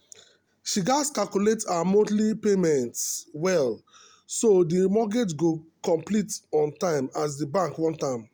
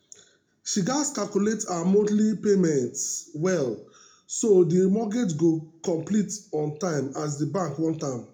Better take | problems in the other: first | room echo; dies away in 0.4 s

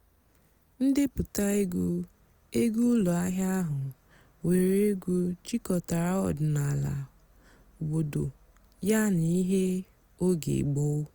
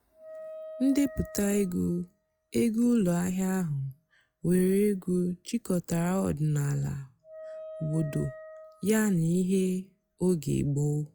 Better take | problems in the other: first | noise reduction (classical method log-MMSE)

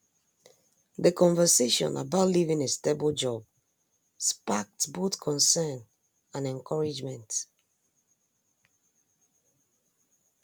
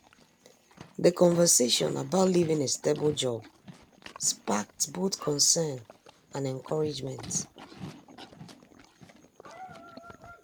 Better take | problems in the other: first | background sound (Livestock, farm animals, working animals); 18 dB below the speech

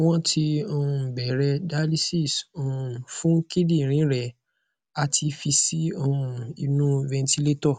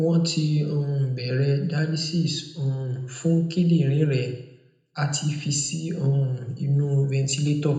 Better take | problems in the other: first | room echo; dies away in 0.8 s

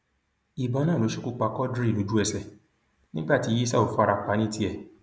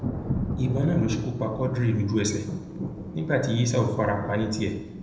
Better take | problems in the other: first | background sound (Thunder); 7 dB below the speech // room echo; dies away in 0.6 s

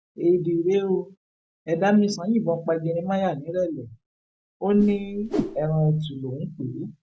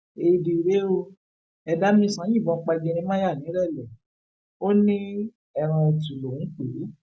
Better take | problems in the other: second | background sound (Whoosh, swoosh, swish); 8 dB below the speech

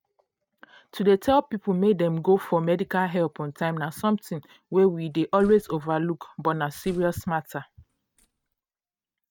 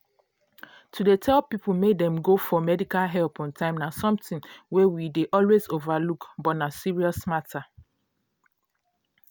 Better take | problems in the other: second | noise reduction (neural mask model RNNoise)

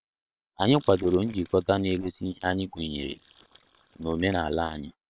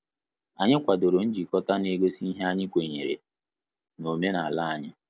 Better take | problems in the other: second | noise reduction (neural separator model SepFormer WHAM!)

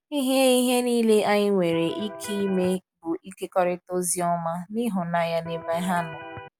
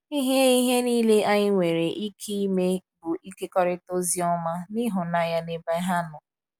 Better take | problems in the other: second | background sound (Electric guitar); 13 dB below the speech

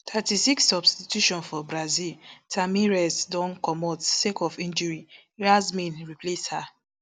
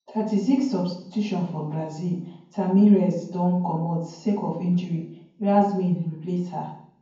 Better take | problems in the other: first | room echo; dies away in 0.9 s

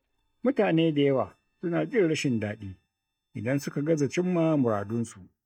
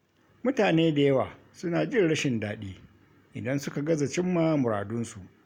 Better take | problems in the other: second | noise reduction (neural mask model DeepFilterNet 3)

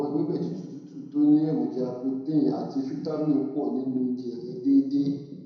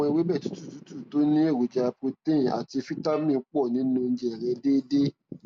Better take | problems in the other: second | room echo; dies away in 0.9 s

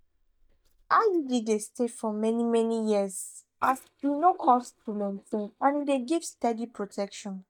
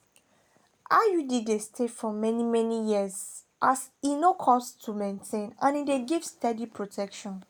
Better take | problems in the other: second | noise reduction (neural mask model DeepFilterNet 3)

